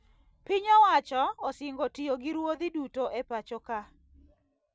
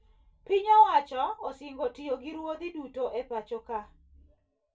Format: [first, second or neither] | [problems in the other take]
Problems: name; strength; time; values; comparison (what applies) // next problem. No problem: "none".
first | room echo; dies away in 0.2 s